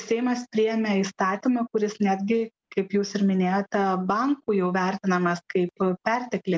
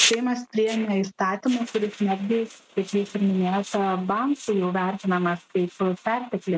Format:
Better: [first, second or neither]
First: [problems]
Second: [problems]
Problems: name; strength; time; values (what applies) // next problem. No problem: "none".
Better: first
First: none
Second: noise reduction (neural mask model RNNoise)